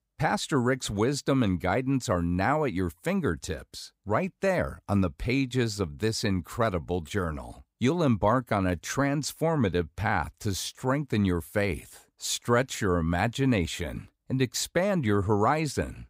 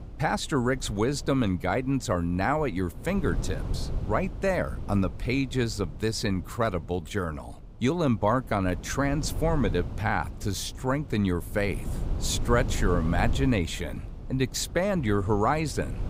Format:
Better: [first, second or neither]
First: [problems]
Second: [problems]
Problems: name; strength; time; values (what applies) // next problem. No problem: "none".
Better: first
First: none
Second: wind noise on the microphone; occasional gusts; 15 dB below the speech